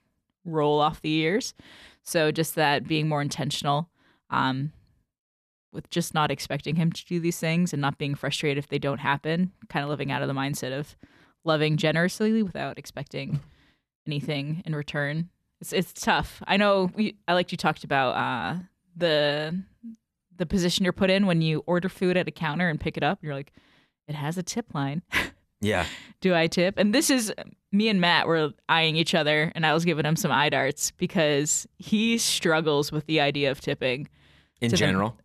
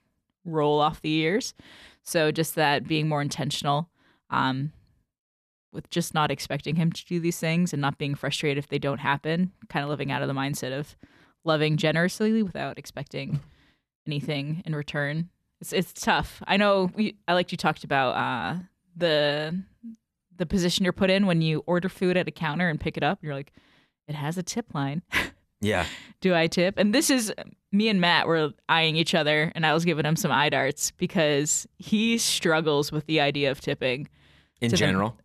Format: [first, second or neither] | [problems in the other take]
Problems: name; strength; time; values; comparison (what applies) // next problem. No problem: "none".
neither | none